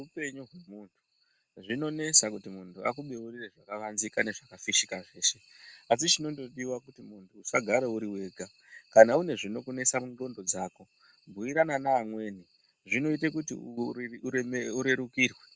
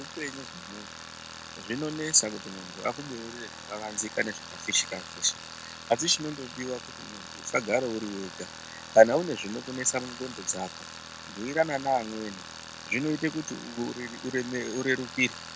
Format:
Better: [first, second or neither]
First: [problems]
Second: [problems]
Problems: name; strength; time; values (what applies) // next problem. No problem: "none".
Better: first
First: none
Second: background sound (Tools); 12 dB below the speech